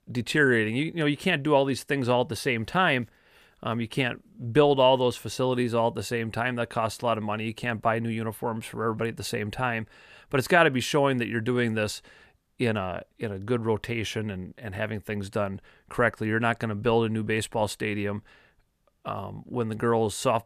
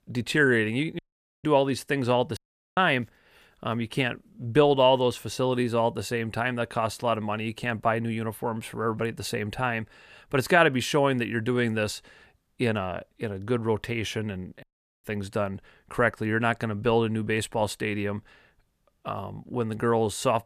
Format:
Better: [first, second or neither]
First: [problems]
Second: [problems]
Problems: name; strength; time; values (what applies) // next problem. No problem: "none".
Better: first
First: none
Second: audio cutting out; at 1 s, at 2.5 s and at 15 s